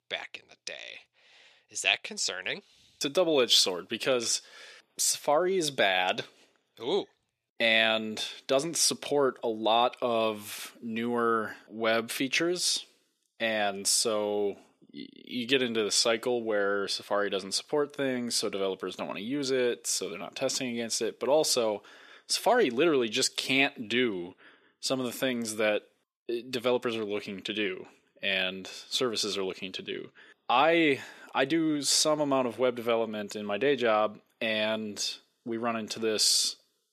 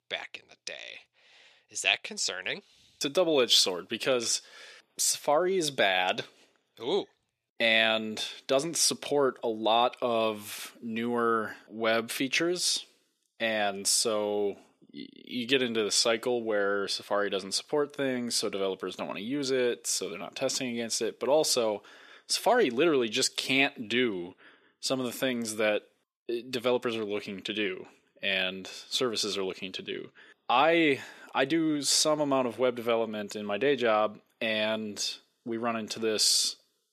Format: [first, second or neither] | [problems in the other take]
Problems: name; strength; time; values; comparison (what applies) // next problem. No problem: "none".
neither | thin; somewhat; fading below 400 Hz; the same in both